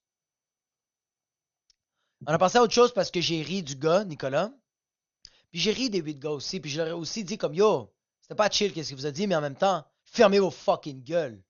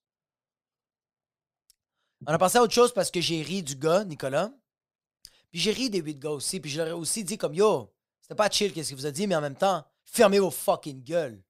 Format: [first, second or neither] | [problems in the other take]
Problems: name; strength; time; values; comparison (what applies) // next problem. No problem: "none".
second | garbled, watery; slightly; nothing above 6.5 kHz